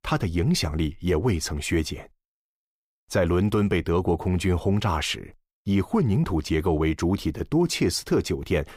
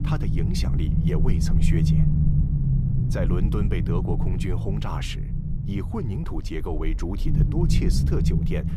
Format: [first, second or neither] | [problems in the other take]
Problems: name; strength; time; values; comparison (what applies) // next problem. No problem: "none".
first | low rumble; loud; throughout; as loud as the speech